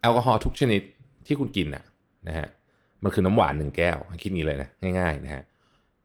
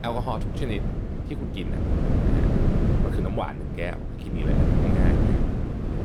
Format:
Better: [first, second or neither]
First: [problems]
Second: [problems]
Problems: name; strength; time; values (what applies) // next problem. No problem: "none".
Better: first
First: none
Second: wind noise on the microphone; heavy; 2 dB above the speech